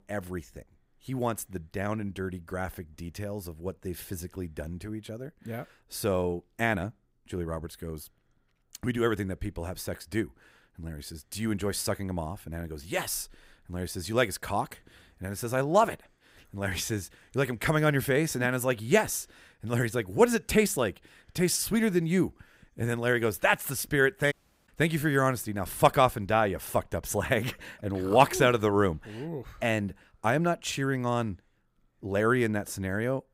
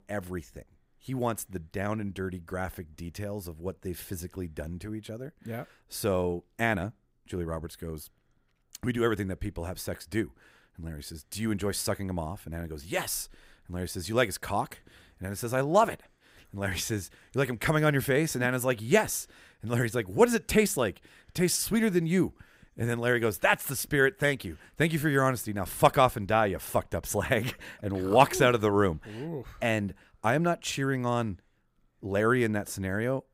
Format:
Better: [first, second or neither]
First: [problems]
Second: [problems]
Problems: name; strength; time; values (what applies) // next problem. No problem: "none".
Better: second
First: audio cutting out; at 24 s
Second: none